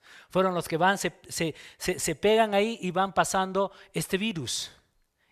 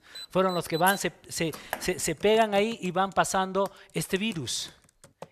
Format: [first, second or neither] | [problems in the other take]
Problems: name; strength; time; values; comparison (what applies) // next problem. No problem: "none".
first | household noises; noticeable; throughout; 15 dB below the speech